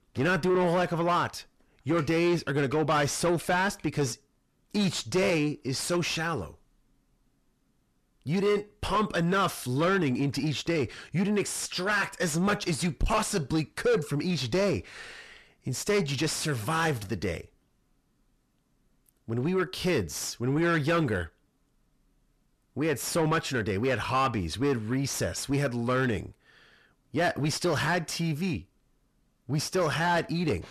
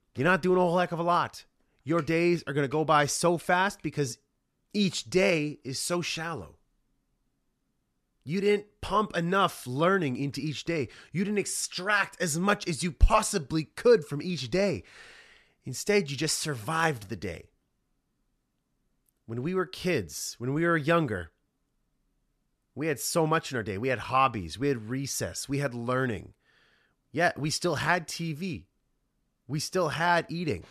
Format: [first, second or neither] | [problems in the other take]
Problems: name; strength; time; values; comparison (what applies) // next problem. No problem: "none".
second | distortion; heavy; 7 dB below the speech